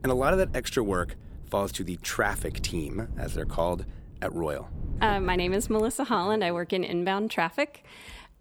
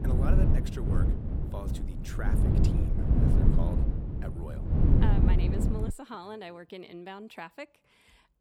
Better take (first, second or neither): first